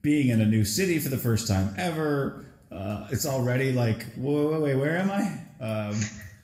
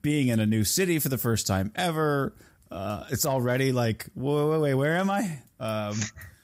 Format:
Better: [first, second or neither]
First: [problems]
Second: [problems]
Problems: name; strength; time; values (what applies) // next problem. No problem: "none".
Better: second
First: room echo; slight; dies away in 0.6 s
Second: none